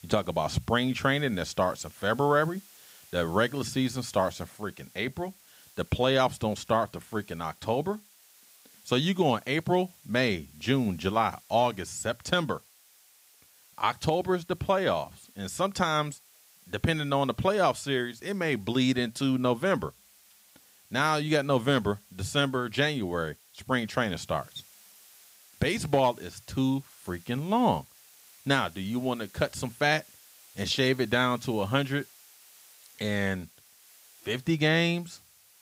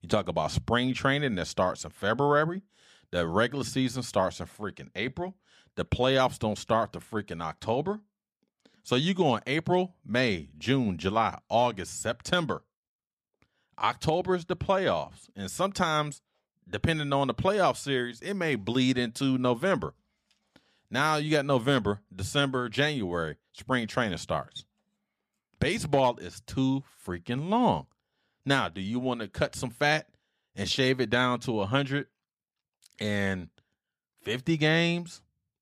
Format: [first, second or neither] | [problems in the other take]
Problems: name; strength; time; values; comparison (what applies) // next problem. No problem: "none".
second | hiss; faint; throughout; 25 dB below the speech